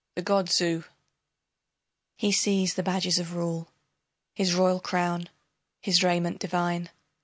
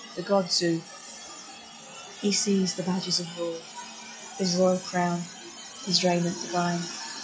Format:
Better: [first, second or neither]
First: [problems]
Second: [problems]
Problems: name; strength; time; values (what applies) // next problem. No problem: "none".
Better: first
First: none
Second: noise reduction (classical method log-MMSE)